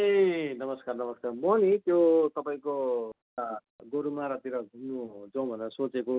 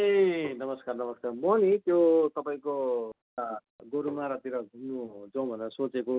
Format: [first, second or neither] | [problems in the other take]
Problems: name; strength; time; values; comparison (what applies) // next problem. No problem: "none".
first | background sound (Tap); 18 dB below the speech